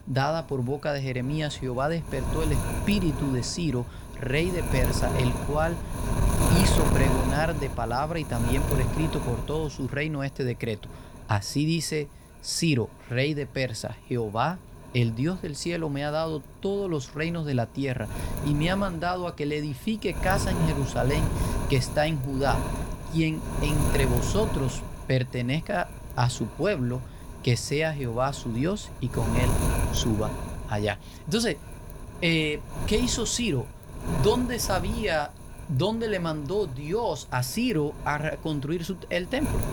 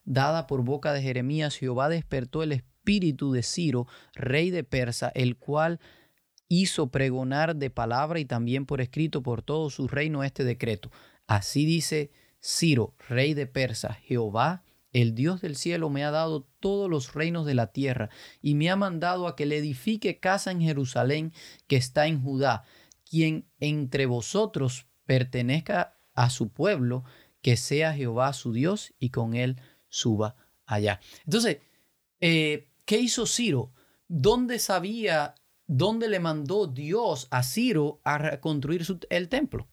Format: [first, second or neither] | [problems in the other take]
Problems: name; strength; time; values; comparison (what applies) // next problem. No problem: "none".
second | wind noise on the microphone; heavy; 6 dB below the speech